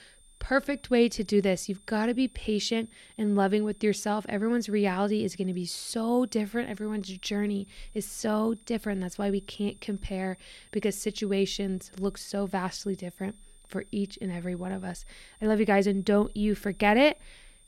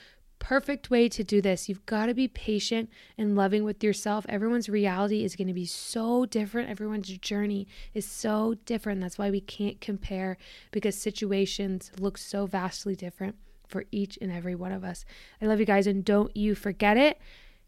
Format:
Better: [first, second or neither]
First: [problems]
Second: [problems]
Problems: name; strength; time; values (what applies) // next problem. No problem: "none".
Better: second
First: high-pitched whine; faint; throughout; 9 kHz, 30 dB below the speech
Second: none